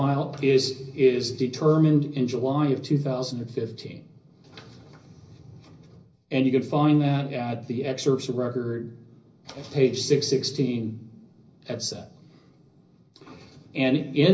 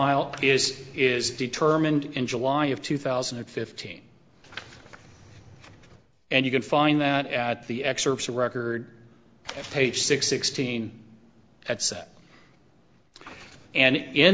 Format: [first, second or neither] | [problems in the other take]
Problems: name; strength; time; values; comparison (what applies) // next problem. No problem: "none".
second | room echo; dies away in 0.5 s